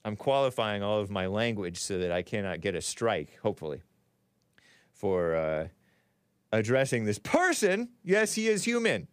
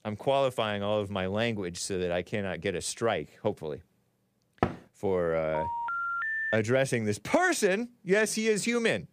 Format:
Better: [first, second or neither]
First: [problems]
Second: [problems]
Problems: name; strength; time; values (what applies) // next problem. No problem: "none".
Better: first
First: none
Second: door banging; noticeable; at 4.5 s; peak 4 dB below the speech // phone ringing; noticeable; from 5.5 to 6.5 s; peak 1 dB below the speech